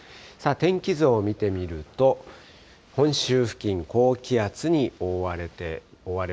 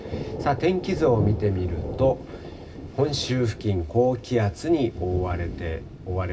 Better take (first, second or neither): first